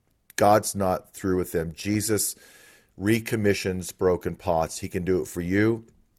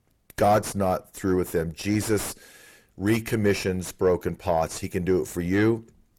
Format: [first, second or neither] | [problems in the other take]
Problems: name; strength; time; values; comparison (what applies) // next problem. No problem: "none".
first | distortion; slight; 10 dB below the speech